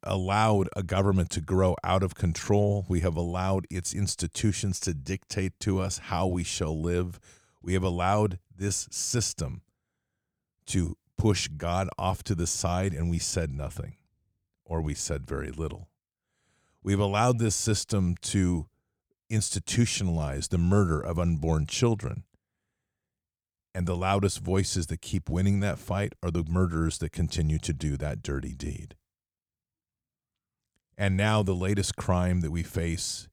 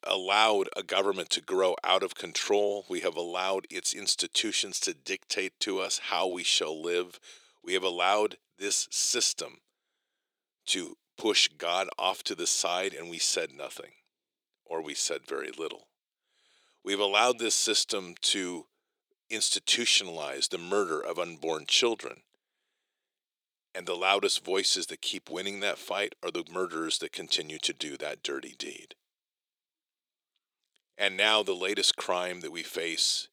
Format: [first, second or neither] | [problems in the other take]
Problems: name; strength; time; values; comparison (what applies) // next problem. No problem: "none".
first | thin; very; fading below 350 Hz